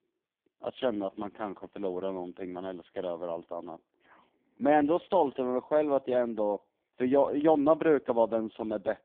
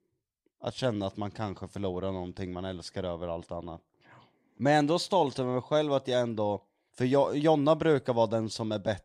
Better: second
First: phone-call audio; poor line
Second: none

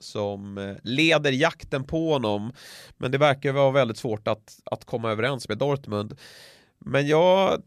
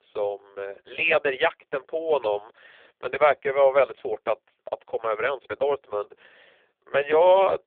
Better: first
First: none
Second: phone-call audio; poor line

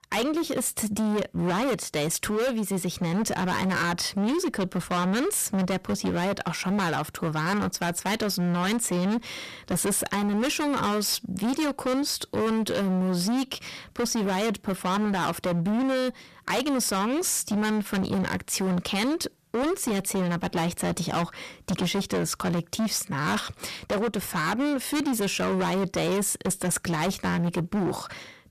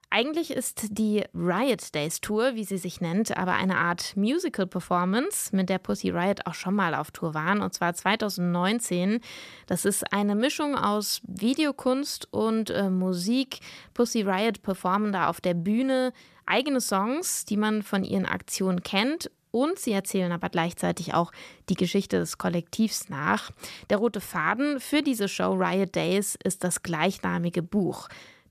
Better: second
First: distortion; heavy; 27% of the sound clipped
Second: none

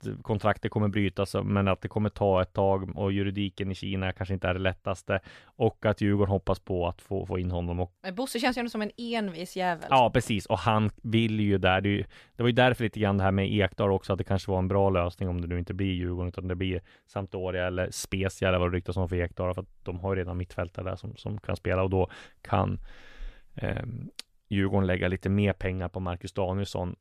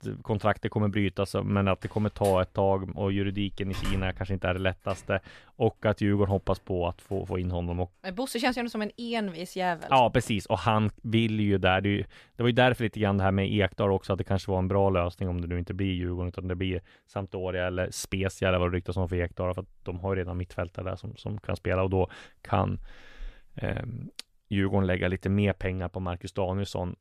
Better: first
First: none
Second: door banging; noticeable; from 2 to 4.5 s; peak 8 dB below the speech

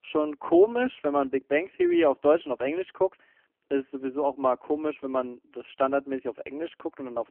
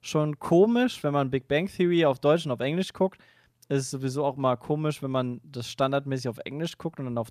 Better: second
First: phone-call audio; poor line; nothing above 3 kHz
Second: none

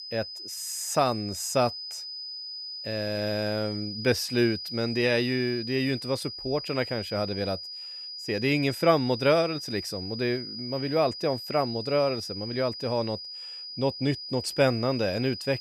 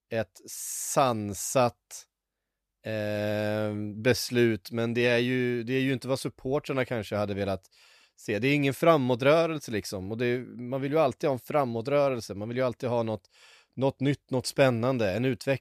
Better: second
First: high-pitched whine; loud; throughout; 5 kHz, 8 dB below the speech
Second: none

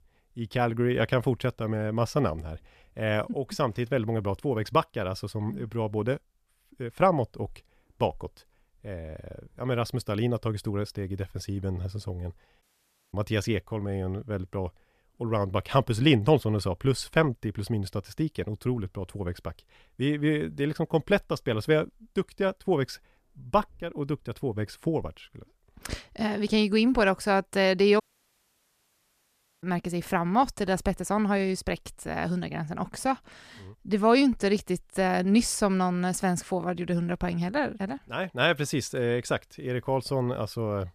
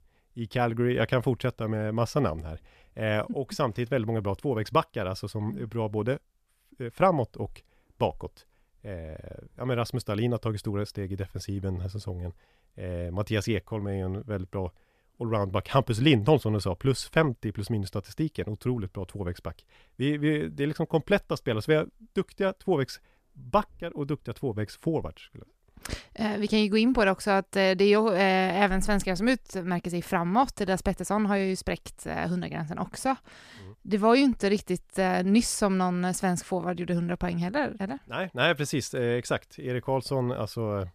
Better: second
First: audio cutting out; at 13 s for 0.5 s and at 28 s for 1.5 s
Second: none

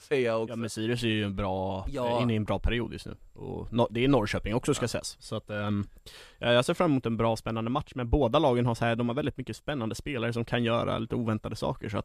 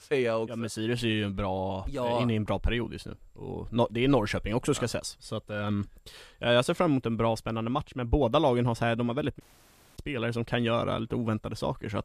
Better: first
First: none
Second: audio cutting out; at 9.5 s for 0.5 s

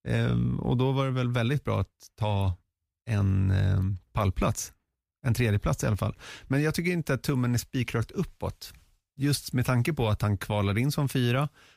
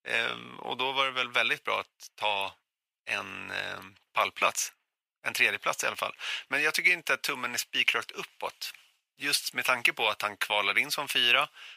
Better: first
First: none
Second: thin; very; fading below 800 Hz

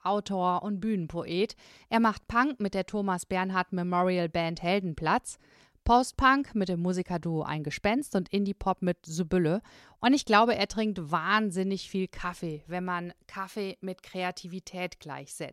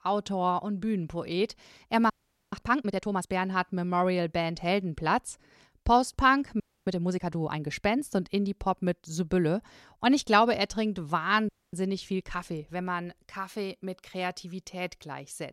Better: first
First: none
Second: audio freezing; at 2 s, at 6.5 s and at 11 s

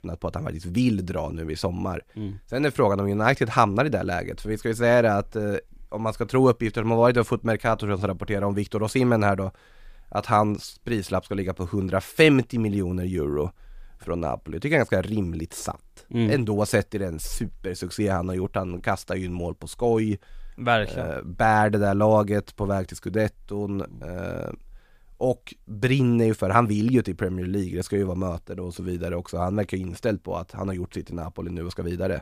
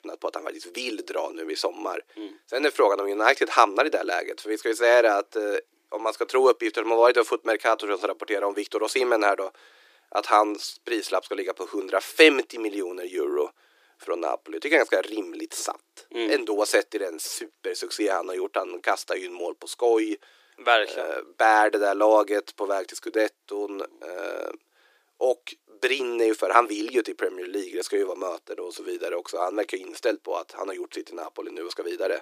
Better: first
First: none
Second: thin; very; fading below 300 Hz

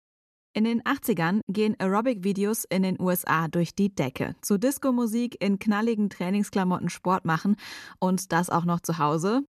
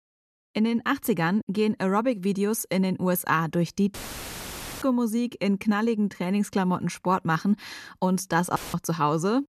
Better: first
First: none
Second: audio cutting out; filled with static; at 4 s for 1 s and at 8.5 s

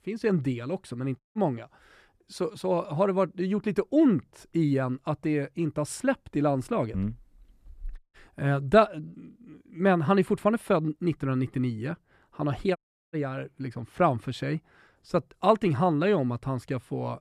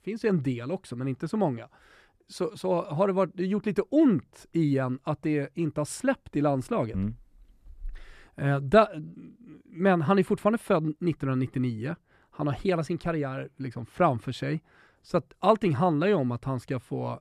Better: second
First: audio cutting out; at 1 s, at 8 s and at 13 s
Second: none

